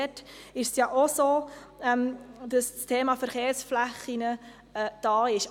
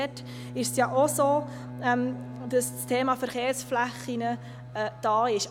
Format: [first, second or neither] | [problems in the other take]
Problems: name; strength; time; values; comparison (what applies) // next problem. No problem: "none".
first | background sound (Bowed string instrument); 12 dB below the speech